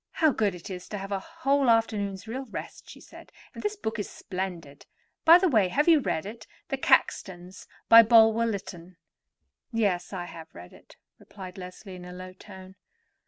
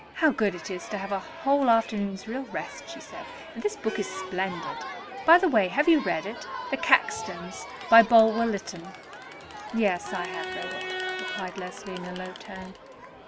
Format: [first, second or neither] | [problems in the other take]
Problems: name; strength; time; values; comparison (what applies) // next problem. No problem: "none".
first | background sound (Crowd); 11 dB below the speech